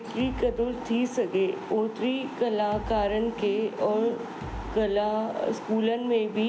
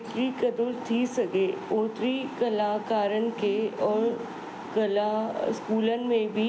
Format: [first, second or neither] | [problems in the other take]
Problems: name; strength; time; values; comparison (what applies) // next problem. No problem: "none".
second | background sound (Bass drum); 15 dB below the speech